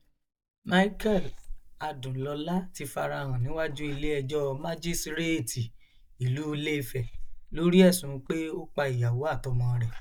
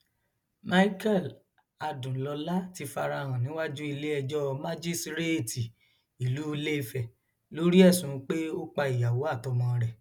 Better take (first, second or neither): second